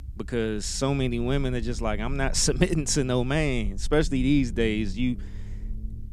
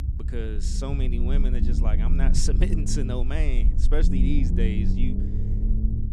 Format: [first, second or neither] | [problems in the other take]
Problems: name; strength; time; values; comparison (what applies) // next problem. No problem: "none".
first | low rumble; loud; throughout; 4 dB below the speech; faint in the first